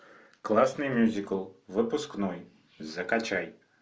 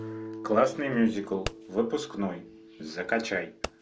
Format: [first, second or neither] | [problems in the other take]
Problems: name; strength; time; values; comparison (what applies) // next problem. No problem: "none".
first | background sound (Guitar + Fireworks); 12 dB below the speech